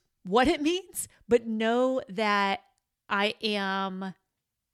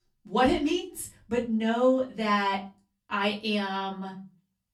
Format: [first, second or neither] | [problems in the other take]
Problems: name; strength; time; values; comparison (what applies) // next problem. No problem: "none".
first | off-mic speech; far // room echo; slight; dies away in 0.3 s